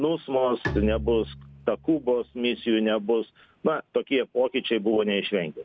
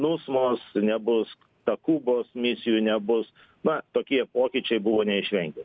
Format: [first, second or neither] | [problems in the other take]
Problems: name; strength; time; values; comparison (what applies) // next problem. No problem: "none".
second | background sound (Bowed string instrument); 11 dB below the speech